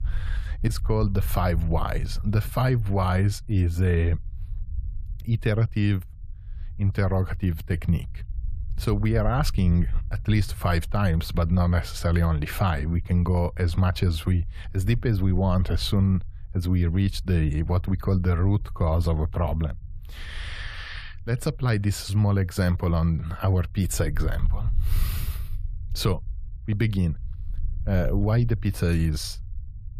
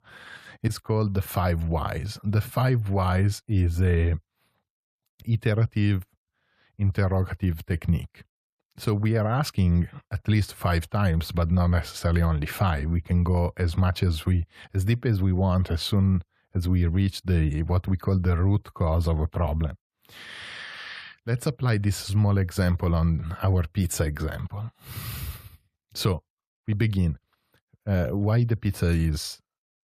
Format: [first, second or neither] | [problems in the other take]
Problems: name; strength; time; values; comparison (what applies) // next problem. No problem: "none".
second | low rumble; faint; throughout; 25 dB below the speech